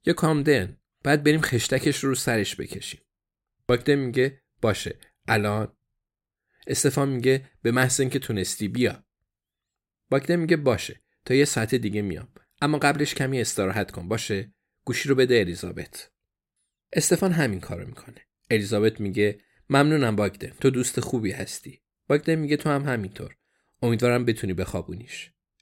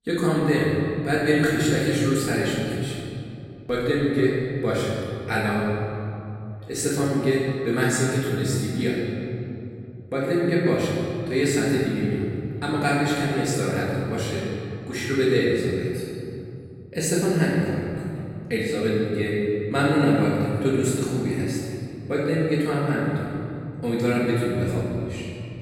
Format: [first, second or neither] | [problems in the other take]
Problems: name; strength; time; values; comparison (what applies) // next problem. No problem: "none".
first | room echo; strong; dies away in 2.8 s // off-mic speech; far